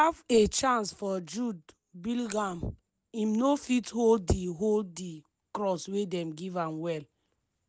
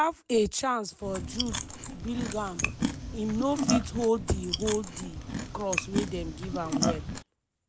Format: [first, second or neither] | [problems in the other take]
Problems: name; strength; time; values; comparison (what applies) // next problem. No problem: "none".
first | background sound (Chewing, mastication); 2 dB below the speech